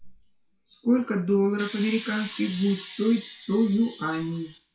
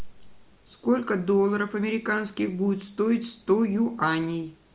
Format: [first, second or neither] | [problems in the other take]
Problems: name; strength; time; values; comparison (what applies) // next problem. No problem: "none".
second | noise reduction (classical method WPE with log-MMSE)